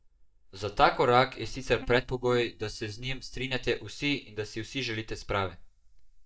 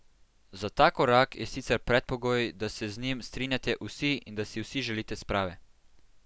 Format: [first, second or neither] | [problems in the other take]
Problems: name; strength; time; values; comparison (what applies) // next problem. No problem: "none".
second | noise reduction (neural mask model DeepFilterNet 3)